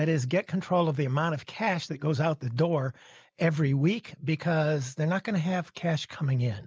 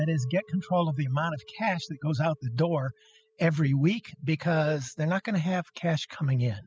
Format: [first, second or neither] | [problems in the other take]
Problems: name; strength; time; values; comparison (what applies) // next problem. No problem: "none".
first | noise reduction (classical method spectral subtraction)